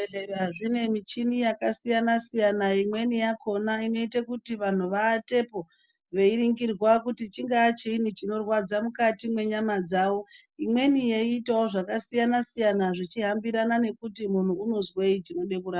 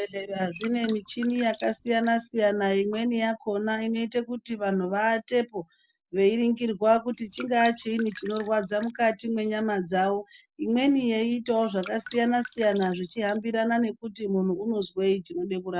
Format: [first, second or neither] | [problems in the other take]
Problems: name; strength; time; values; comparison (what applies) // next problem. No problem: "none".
first | background sound (Drip); 20 dB below the speech